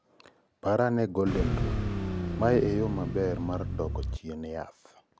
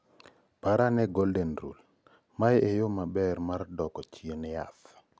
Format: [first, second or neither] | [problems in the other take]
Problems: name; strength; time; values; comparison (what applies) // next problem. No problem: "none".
second | background sound (Car); 1 dB below the speech